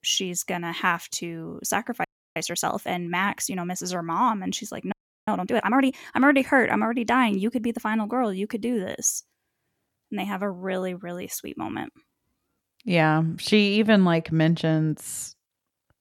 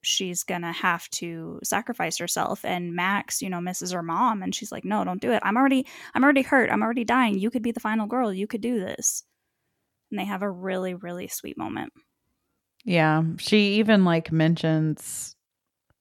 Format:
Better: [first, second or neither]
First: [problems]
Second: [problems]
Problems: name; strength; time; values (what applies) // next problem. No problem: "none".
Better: second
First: audio freezing; at 2 s and at 5 s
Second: none